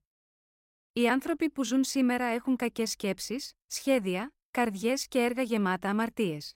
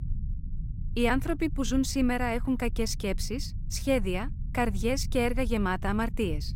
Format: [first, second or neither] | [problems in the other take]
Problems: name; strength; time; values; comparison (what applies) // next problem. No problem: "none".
first | low rumble; faint; throughout; 20 dB below the speech